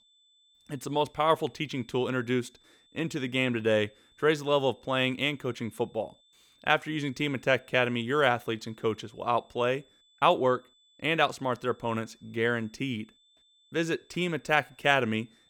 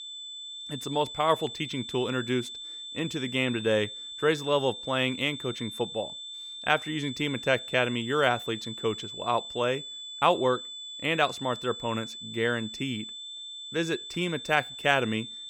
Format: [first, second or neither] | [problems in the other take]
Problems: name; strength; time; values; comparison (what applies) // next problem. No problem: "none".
first | high-pitched whine; loud; throughout; 3.5 kHz, 9 dB below the speech; faint in the first